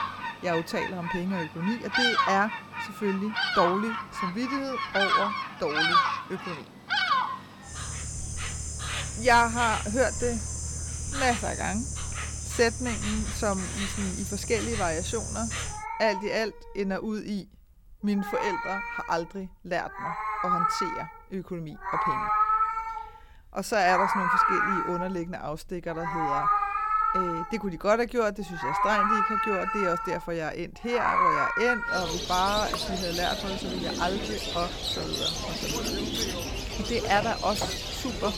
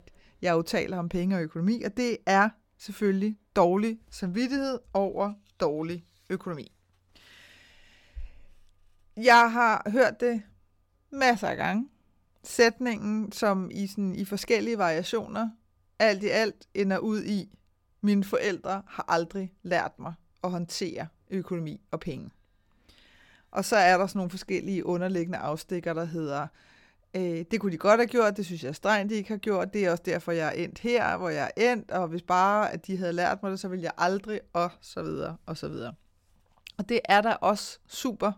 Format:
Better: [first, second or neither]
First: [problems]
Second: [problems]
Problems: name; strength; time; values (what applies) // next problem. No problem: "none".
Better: second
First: animal sounds; very loud; throughout; 1 dB above the speech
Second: none